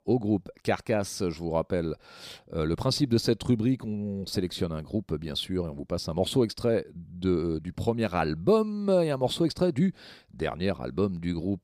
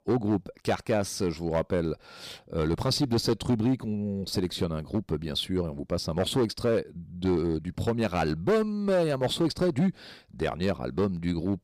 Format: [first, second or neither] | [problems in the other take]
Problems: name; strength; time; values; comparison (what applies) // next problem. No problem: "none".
first | distortion; slight; 6% of the sound clipped